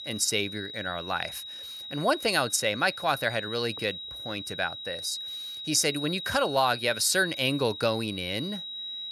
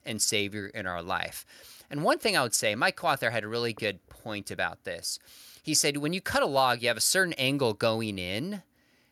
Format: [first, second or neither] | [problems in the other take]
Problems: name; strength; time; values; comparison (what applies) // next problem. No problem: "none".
second | high-pitched whine; loud; throughout; 4 kHz, 8 dB below the speech